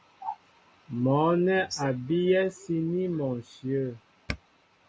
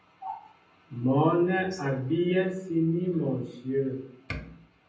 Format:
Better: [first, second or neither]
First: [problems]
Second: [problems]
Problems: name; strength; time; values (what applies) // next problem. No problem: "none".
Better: first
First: none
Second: room echo; dies away in 0.6 s